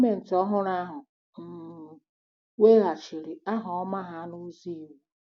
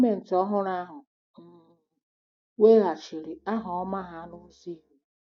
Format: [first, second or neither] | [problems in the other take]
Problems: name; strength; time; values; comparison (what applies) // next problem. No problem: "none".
first | noise reduction (neural mask model DeepFilterNet 3)